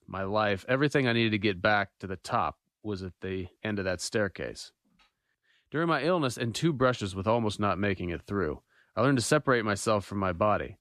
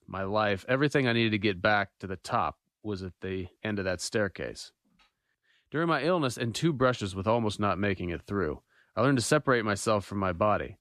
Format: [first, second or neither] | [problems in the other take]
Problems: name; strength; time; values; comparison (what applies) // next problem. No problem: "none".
neither | none